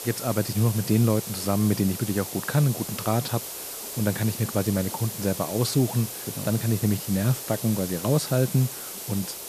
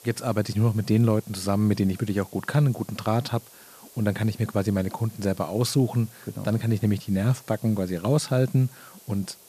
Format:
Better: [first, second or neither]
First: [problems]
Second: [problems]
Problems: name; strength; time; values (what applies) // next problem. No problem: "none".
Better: second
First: hiss; loud; throughout; 7 dB below the speech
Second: hiss; faint; throughout; 20 dB below the speech